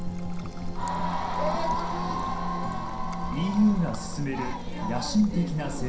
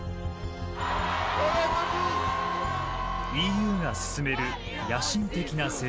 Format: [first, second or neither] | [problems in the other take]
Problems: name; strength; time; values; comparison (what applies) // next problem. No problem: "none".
second | background sound (Trickle, dribble); 5 dB below the speech // room echo; dies away in 0.5 s